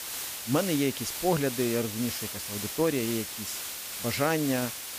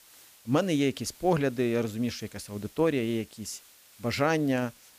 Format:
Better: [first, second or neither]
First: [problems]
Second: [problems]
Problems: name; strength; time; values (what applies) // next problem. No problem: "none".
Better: second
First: hiss; loud; throughout; 4 dB below the speech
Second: hiss; faint; throughout; 25 dB below the speech